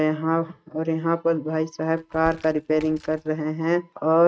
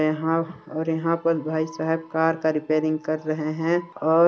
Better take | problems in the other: second | noise reduction (neural mask model RNNoise)

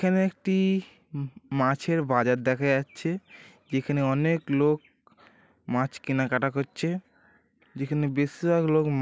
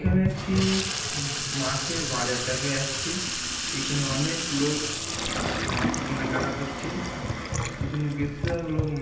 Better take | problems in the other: first | background sound (Sink (filling or washing) / Water tap, faucet); 1 dB above the speech // room echo; dies away in 0.9 s

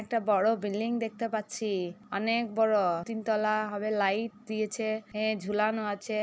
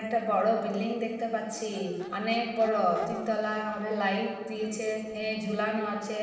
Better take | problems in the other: first | background sound (Crowd / Race car, auto racing / Accelerating, revving, vroom); 18 dB below the speech // room echo; dies away in 1.2 s

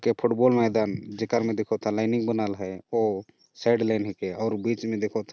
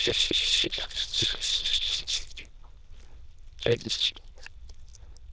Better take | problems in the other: first | noise reduction (neural diffusion model UNIVERSE++)

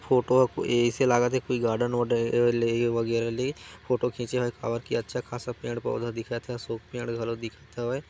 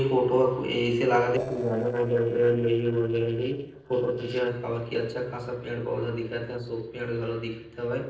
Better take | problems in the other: first | noise reduction (neural separator model SepFormer DNS4)

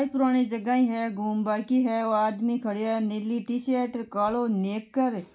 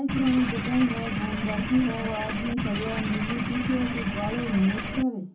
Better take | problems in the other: first | background sound (Engine / Boat, Water vehicle); 4 dB below the speech // room echo; dies away in 0.3 s

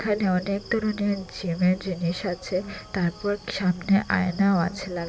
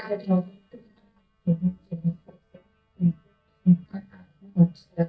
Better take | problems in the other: first | noise reduction (neural mask model DeepFilterNet 3)

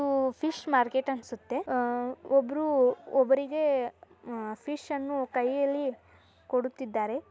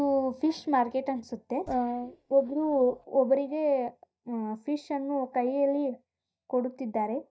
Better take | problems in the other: first | noise reduction (neural mask model DeepFilterNet 3)

